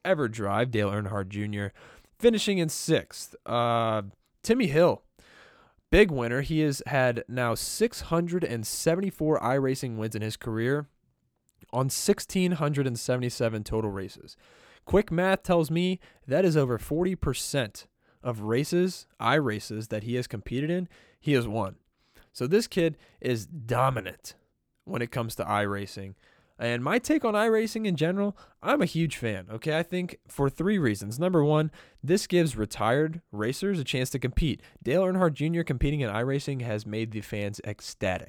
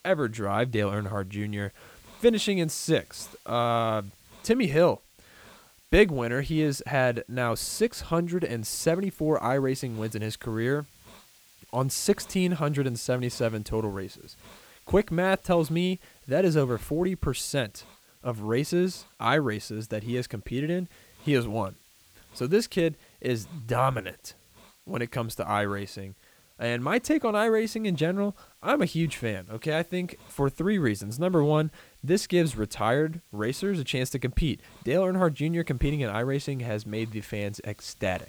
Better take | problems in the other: first | hiss; faint; throughout; 25 dB below the speech

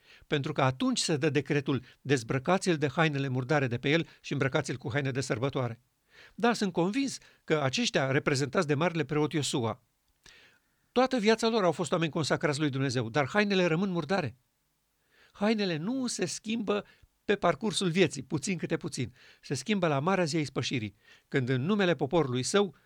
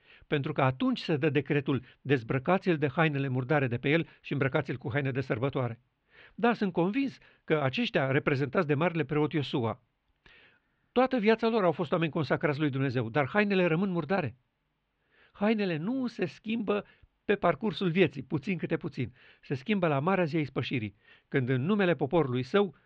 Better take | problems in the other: first | muffled; slightly; fading above 3 kHz

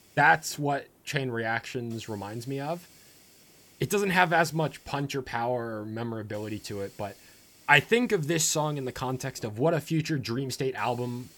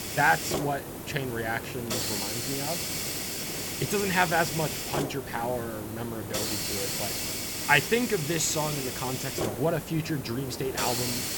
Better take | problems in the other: first | hiss; loud; throughout; 2 dB below the speech; faint in the first

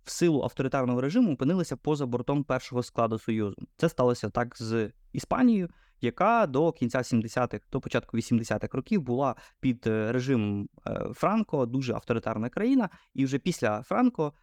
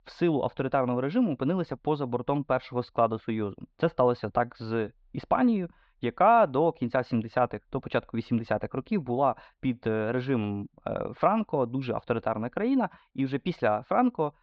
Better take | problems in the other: first | muffled; slightly; fading above 4 kHz

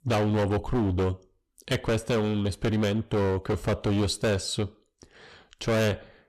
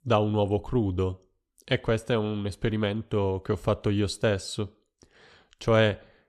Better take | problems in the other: second | distortion; heavy; 17% of the sound clipped

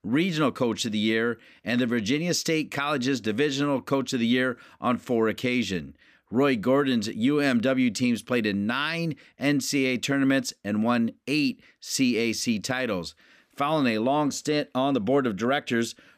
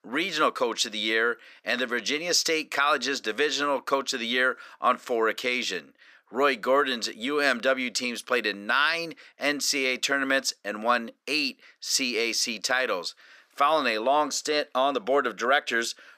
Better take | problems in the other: first | thin; somewhat; fading below 550 Hz

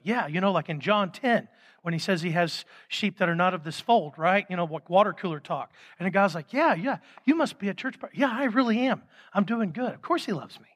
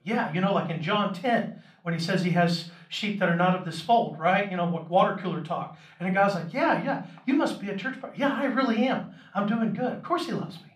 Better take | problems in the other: first | room echo; slight; dies away in 0.4 s // off-mic speech; far

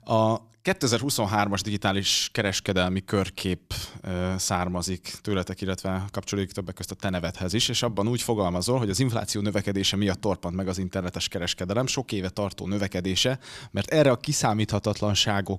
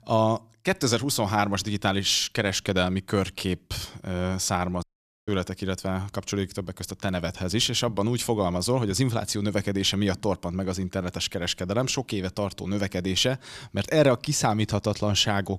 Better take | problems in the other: first | audio cutting out; at 5 s

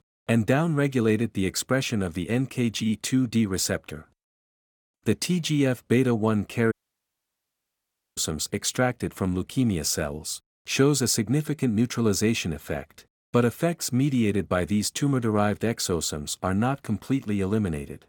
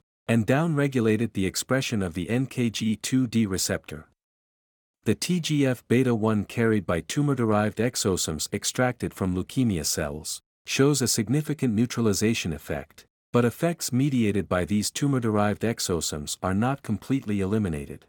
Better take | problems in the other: second | audio cutting out; at 6.5 s for 1.5 s

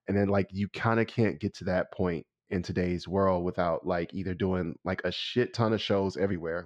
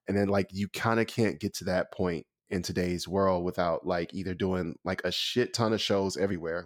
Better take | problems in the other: second | muffled; very slightly; fading above 3.5 kHz

